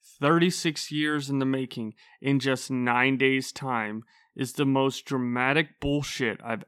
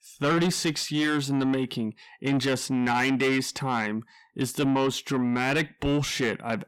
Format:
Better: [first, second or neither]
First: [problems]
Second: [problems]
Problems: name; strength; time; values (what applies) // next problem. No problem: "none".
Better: first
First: none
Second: distortion; heavy; 8 dB below the speech